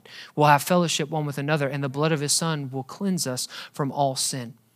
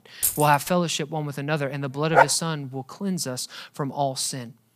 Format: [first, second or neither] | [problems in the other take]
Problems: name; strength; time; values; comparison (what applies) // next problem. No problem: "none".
first | jangling keys; loud; at the start; peak 1 dB above the speech // dog barking; loud; at 2 s; peak 6 dB above the speech